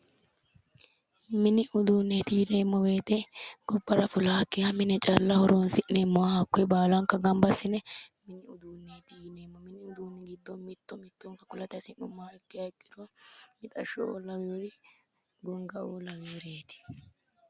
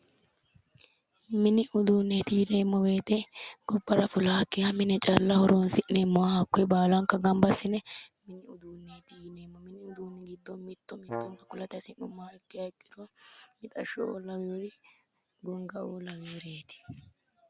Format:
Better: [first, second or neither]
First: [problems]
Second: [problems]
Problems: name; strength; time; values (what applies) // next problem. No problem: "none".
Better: first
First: none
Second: background sound (Brass instrument); 13 dB below the speech